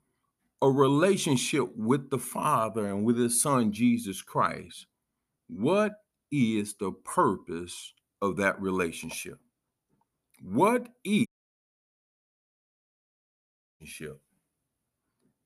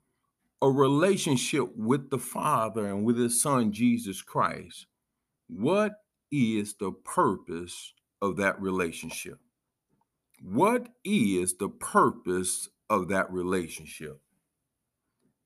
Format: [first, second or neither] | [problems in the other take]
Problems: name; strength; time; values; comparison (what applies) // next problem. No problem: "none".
second | audio cutting out; at 11 s for 2.5 s